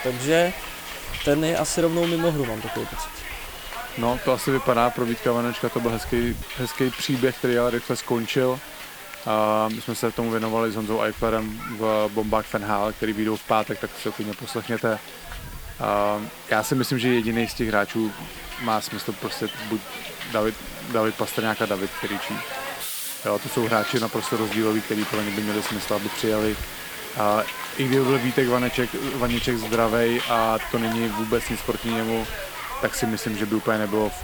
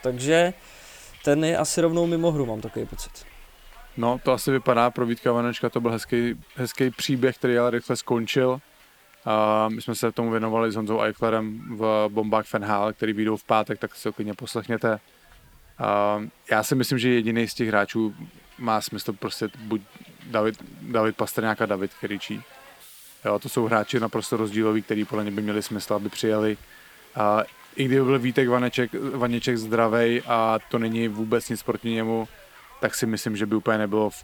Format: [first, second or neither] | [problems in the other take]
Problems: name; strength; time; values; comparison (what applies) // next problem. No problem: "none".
second | hiss; loud; throughout; 8 dB below the speech; faint in the second